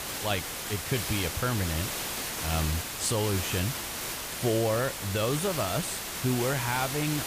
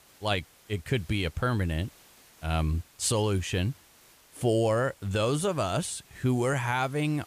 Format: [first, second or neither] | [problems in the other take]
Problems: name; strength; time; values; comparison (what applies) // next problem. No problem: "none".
second | hiss; loud; throughout; 2 dB below the speech; faint in the second